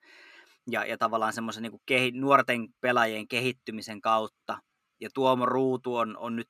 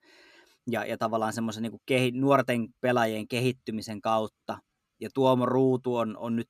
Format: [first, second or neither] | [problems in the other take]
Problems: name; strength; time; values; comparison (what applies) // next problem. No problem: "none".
second | thin; very slightly; fading below 450 Hz